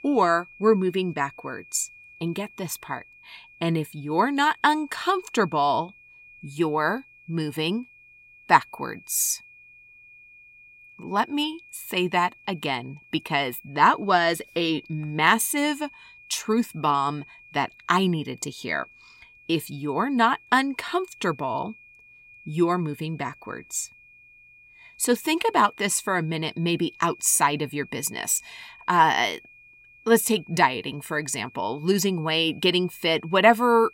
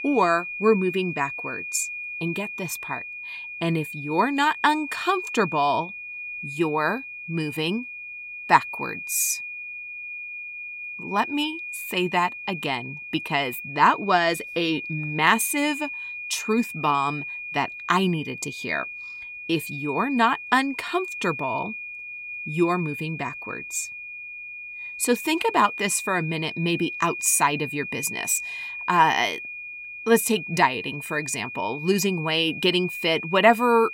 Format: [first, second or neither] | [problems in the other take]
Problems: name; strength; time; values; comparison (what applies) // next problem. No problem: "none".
first | high-pitched whine; loud; throughout; 2.5 kHz, 8 dB below the speech; faint in the first